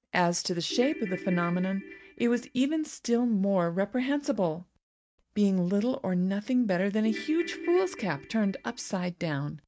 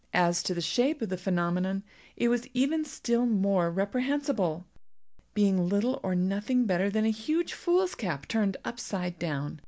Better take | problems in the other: second | noise reduction (neural mask model RNNoise)

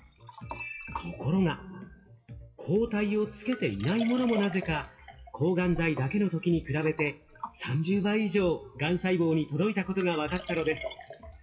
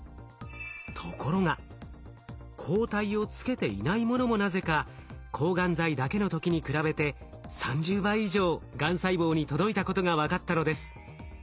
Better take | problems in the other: second | noise reduction (classical method WPE with log-MMSE)

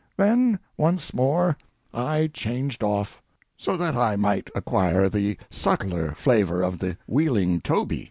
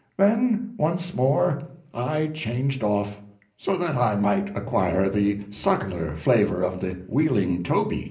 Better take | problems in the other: first | room echo; dies away in 0.5 s

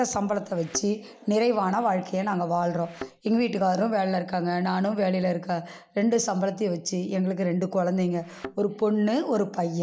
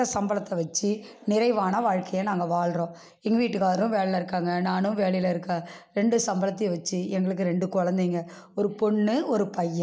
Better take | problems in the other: second | background sound (Thump, thud); 17 dB below the speech

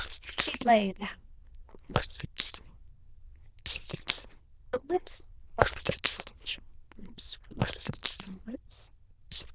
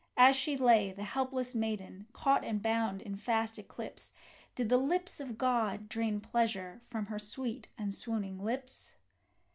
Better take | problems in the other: second | noise reduction (neural diffusion model UNIVERSE++)

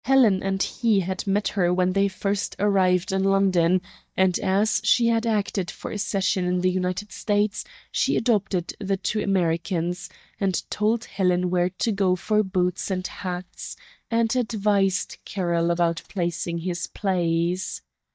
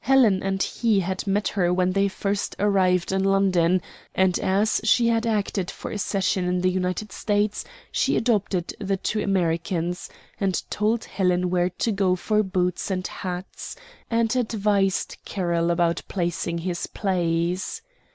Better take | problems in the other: second | noise reduction (neural mask model DeepFilterNet 3)

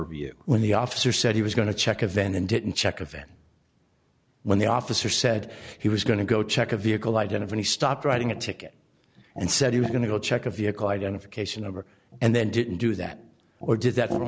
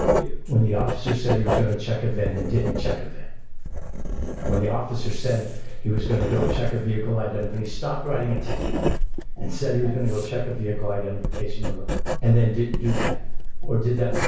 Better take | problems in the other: first | background sound (Writing); 1 dB above the speech // room echo; dies away in 0.6 s

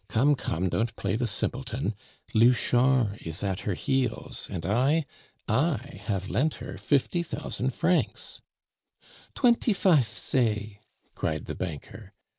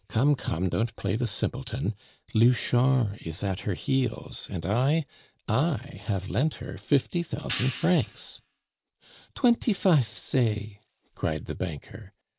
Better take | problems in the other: first | background sound (Hi-hat); 13 dB below the speech

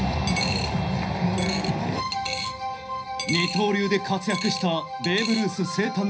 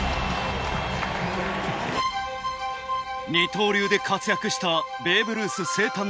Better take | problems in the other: second | background sound (Coin (dropping)); 10 dB below the speech // room echo; dies away in 0.5 s

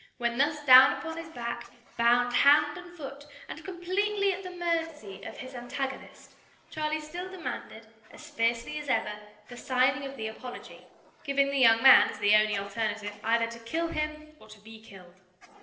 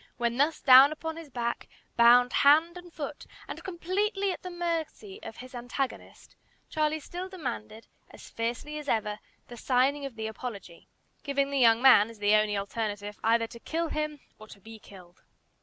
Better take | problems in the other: second | noise reduction (neural separator model SepFormer DNS4)

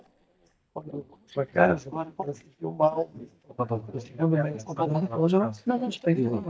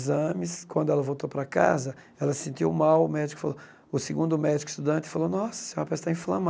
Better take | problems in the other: second | noise reduction (neural mask model DeepFilterNet 3)

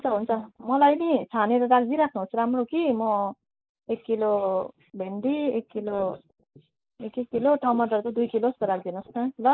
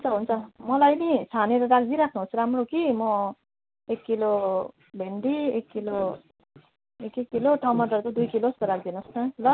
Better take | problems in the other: second | noise reduction (neural mask model Resemble Enhance denoiser)

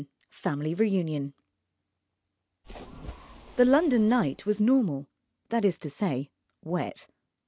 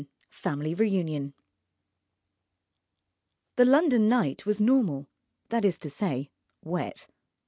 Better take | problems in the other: second | background sound (Splash, splatter); 18 dB below the speech

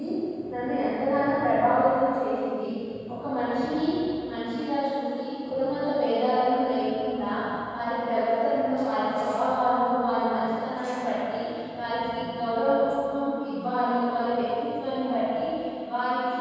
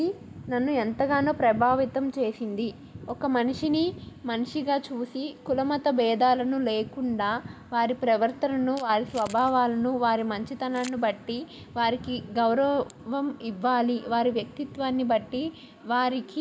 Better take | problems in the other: second | room echo; dies away in 2.2 s

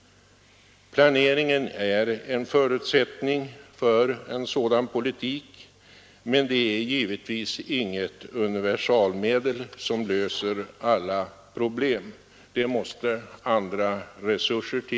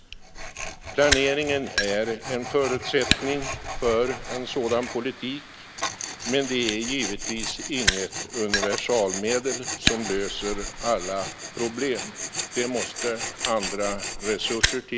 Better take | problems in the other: first | background sound (Tools + Fire); 3 dB below the speech

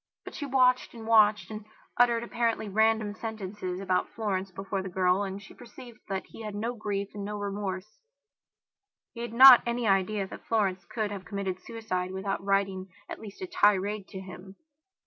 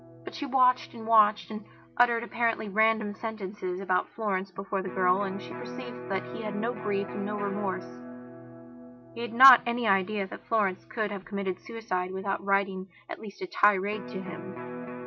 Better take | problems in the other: first | background sound (Electric guitar); 14 dB below the speech

